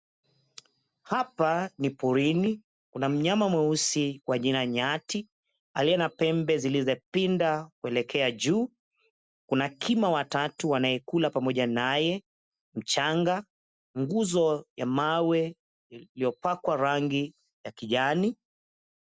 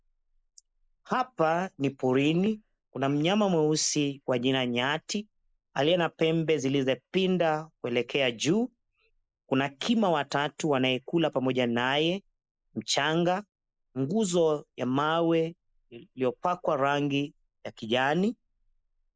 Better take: first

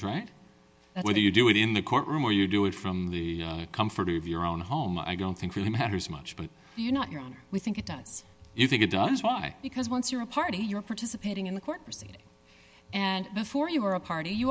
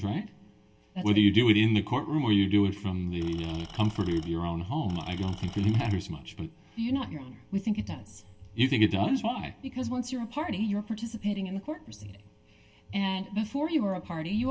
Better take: first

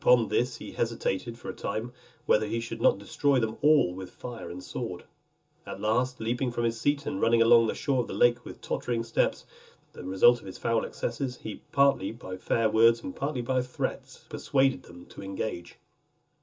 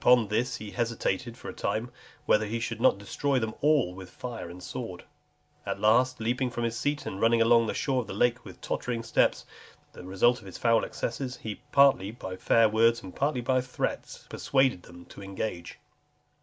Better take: second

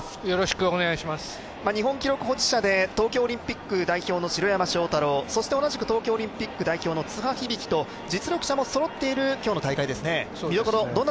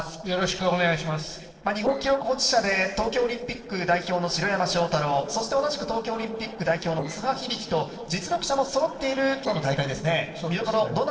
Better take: first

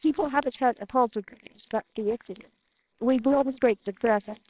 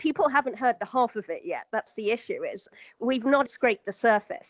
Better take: second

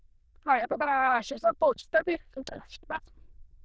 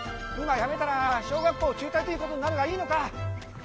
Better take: second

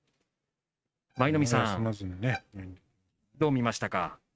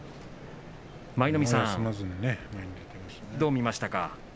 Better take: second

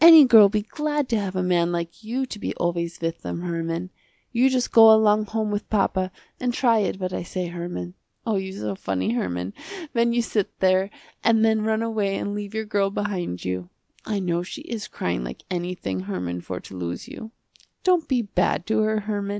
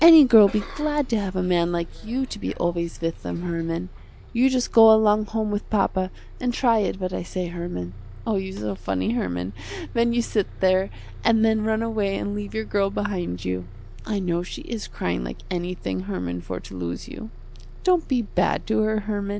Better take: first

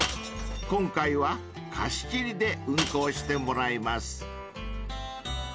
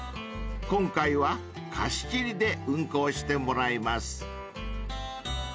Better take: second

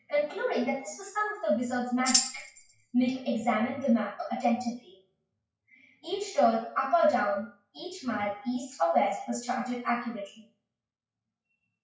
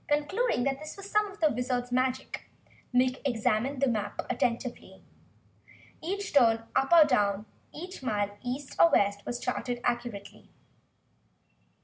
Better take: second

